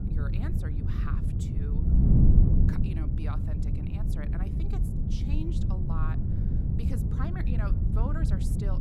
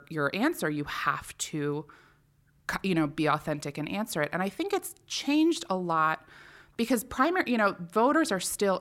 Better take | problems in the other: second | wind noise on the microphone; heavy; 4 dB above the speech

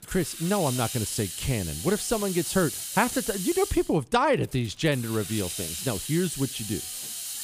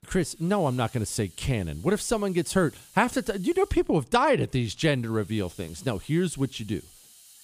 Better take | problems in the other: second | hiss; loud; throughout; 5 dB below the speech; faint in the second

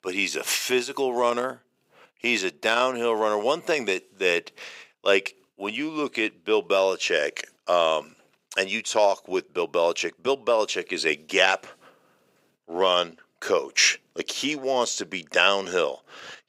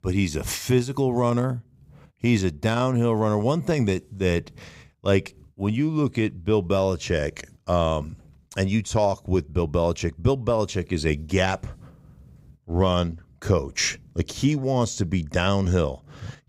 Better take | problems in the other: second | thin; very; fading below 400 Hz

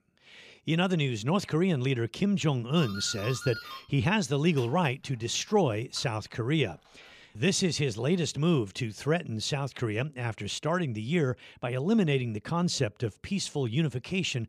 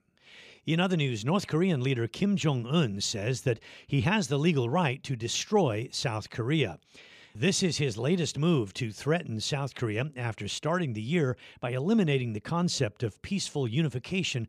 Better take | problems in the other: second | doorbell; faint; from 3 to 7 s; peak 10 dB below the speech

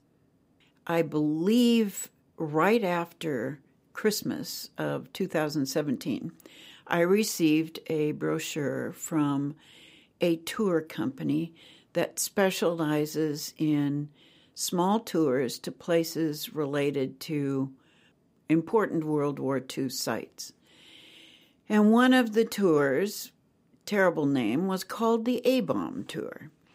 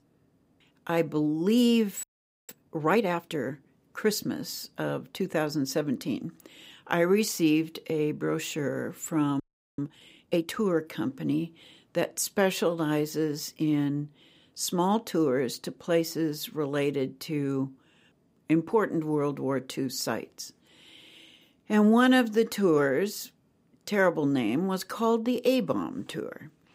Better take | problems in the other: first | audio freezing; at 2 s and at 9.5 s

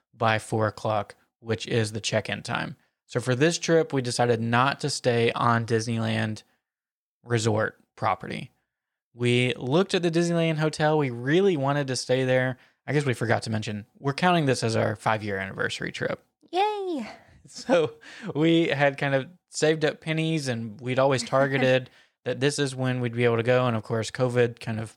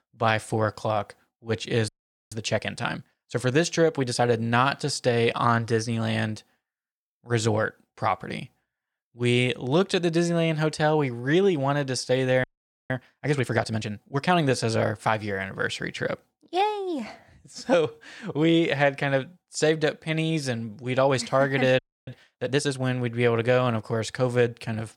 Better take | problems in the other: first | audio freezing; at 2 s, at 12 s and at 22 s

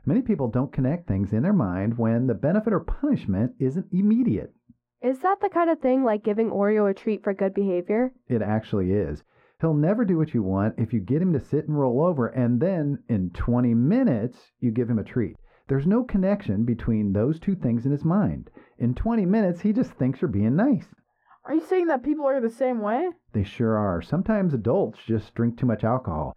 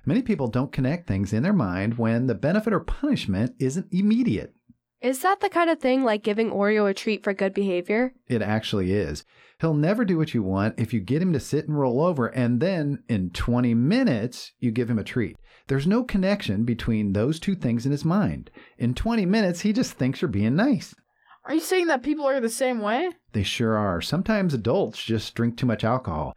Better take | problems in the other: second | muffled; very; fading above 2.5 kHz

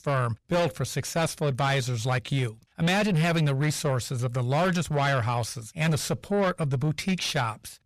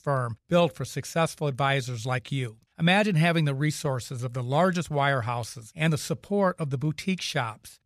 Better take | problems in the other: second | distortion; heavy; 7 dB below the speech

